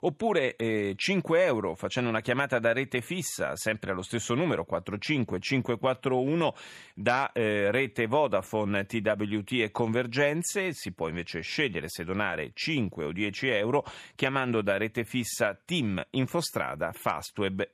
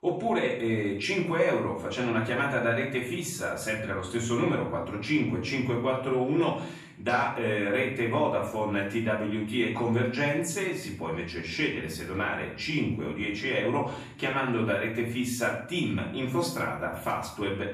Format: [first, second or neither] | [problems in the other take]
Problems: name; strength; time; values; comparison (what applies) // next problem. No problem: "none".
first | off-mic speech; far // room echo; noticeable; dies away in 0.6 s